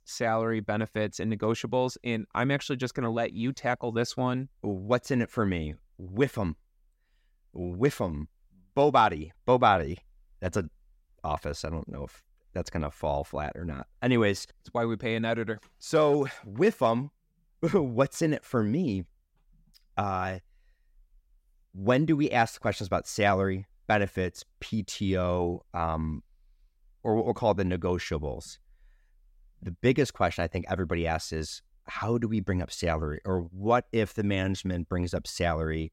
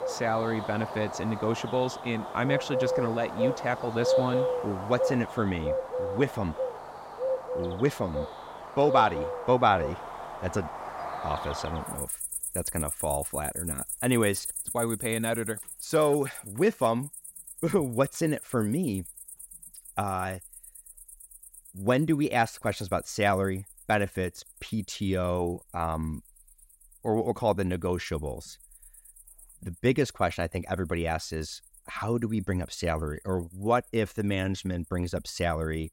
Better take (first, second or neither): first